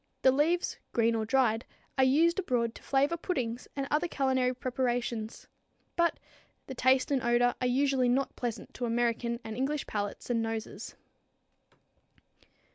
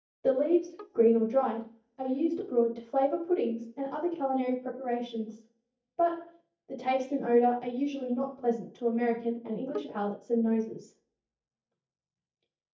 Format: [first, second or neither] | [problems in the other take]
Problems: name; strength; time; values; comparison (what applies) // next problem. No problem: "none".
first | noise reduction (neural mask model DeepFilterNet 3)